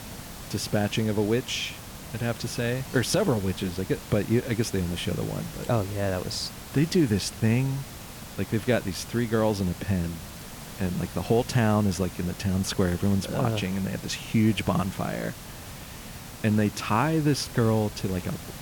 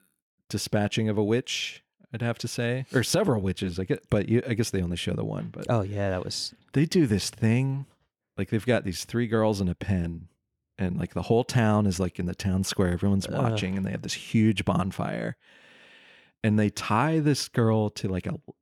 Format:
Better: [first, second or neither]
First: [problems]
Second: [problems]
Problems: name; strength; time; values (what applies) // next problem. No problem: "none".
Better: second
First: hiss; noticeable; throughout; 15 dB below the speech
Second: none